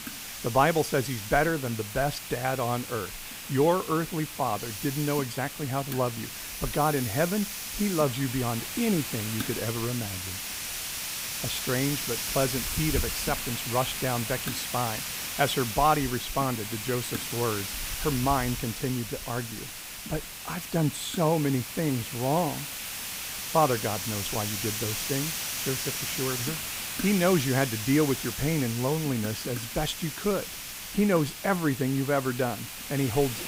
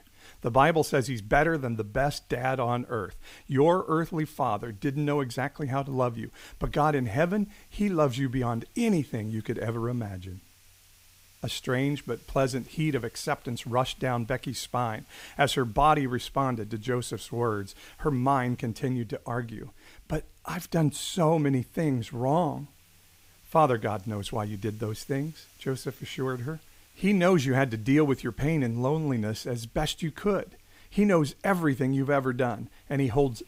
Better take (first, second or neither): second